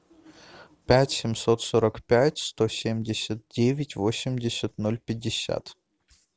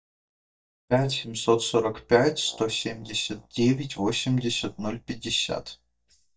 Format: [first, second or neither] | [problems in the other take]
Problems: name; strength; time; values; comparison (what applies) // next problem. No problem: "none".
first | noise reduction (neural mask model DeepFilterNet 3)